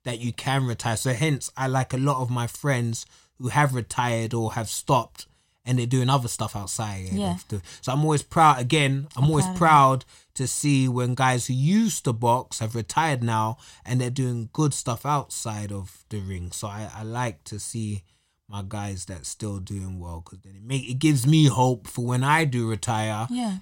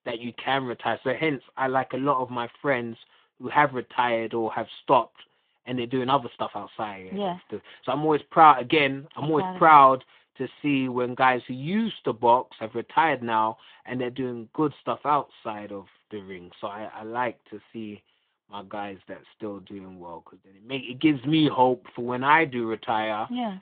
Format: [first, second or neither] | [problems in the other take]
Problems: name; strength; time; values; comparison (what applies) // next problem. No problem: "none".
first | phone-call audio; nothing above 3.5 kHz